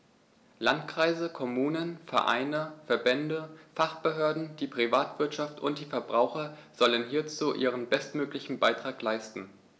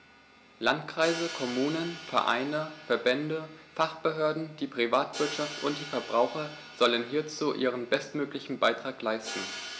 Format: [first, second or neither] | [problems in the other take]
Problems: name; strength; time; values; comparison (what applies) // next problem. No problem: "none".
first | background sound (Crash cymbal); 14 dB below the speech